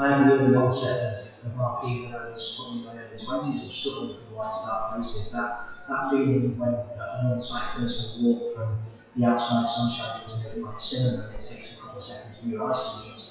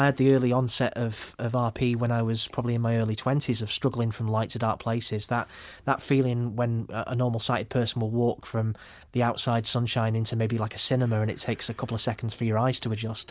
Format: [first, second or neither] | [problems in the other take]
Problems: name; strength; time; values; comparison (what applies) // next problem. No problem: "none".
second | noise reduction (classical method WPE with log-MMSE)